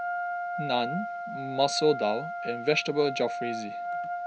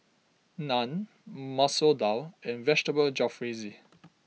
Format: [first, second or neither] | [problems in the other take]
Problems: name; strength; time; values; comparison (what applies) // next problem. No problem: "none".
second | background sound (Wind instrument, woodwind instrument); 4 dB below the speech